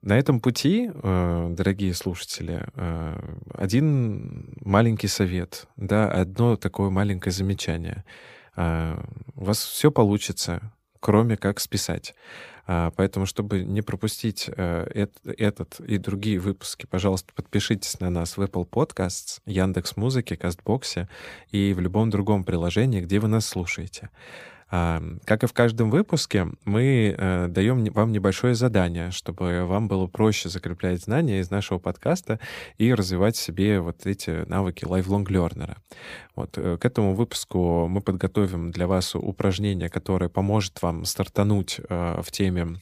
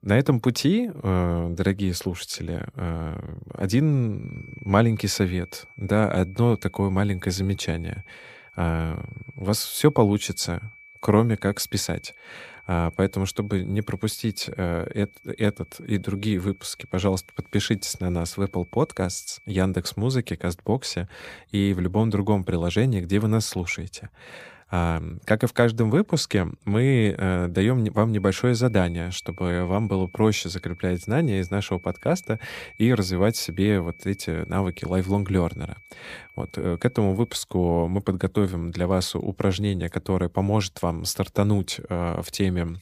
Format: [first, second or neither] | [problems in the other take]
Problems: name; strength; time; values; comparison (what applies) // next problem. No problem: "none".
first | high-pitched whine; faint; from 4.5 to 20 s and from 28 to 37 s; 2.5 kHz, 25 dB below the speech